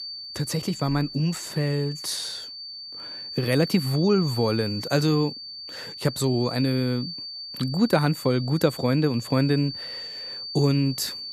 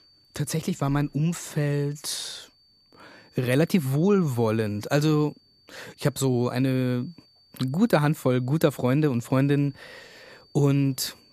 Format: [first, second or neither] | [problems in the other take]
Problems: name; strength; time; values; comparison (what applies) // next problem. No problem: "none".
second | high-pitched whine; loud; throughout; 4.5 kHz, 9 dB below the speech; faint in the second